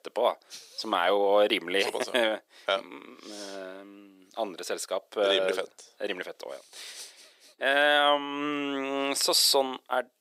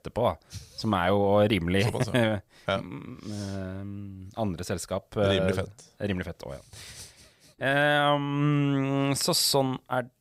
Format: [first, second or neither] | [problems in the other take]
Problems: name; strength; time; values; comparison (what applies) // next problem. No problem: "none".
second | thin; somewhat; fading below 350 Hz